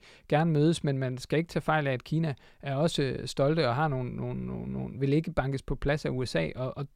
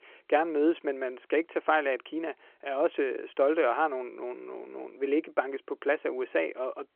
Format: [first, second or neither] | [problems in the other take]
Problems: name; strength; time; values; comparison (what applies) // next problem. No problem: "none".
first | phone-call audio